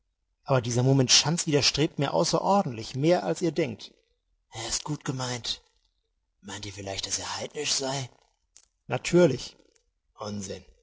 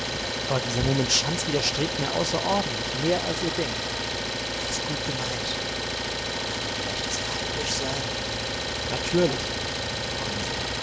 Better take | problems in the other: first | background sound (Idling); 1 dB above the speech

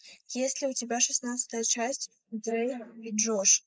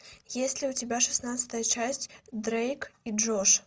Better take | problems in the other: second | noise reduction (neural mask model Resemble Enhance denoiser)

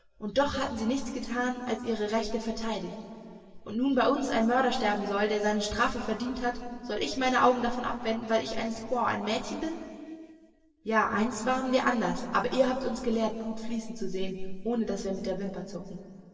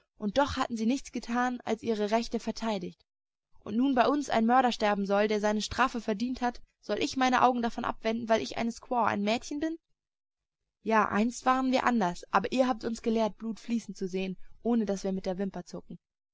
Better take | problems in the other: second | room echo; dies away in 2.4 s

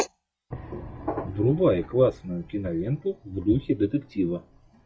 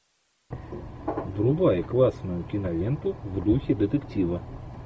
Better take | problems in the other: second | noise reduction (classical method log-MMSE)

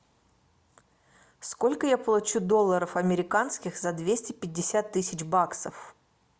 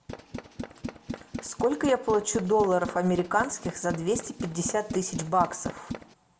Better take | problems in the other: first | background sound (Tools); 10 dB below the speech // room echo; dies away in 0.5 s

